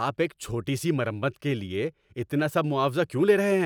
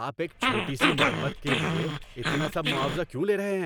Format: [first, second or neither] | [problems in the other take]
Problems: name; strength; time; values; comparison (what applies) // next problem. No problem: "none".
first | background sound (Growling); 3 dB above the speech